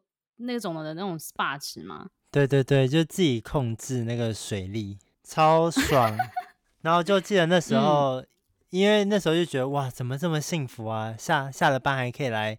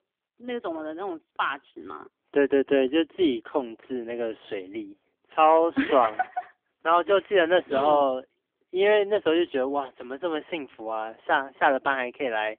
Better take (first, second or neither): first